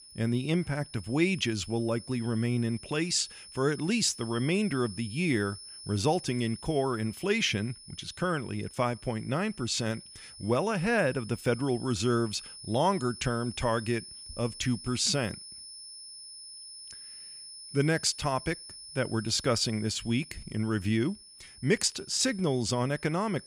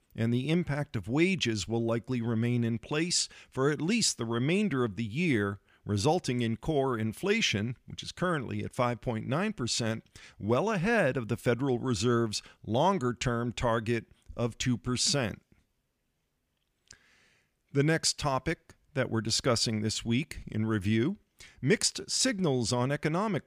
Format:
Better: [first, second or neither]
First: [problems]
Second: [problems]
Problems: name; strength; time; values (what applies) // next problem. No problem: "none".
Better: second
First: high-pitched whine; noticeable; throughout; 5.5 kHz, 15 dB below the speech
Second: none